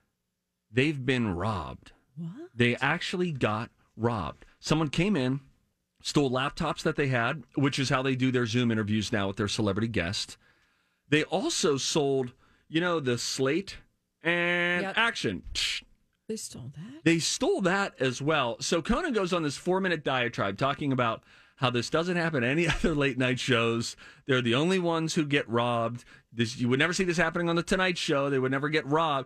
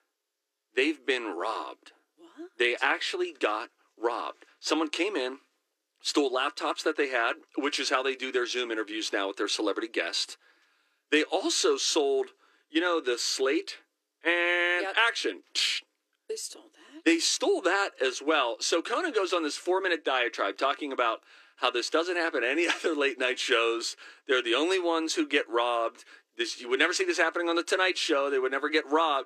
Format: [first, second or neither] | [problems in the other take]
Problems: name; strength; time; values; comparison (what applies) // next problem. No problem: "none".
first | thin; somewhat; fading below 300 Hz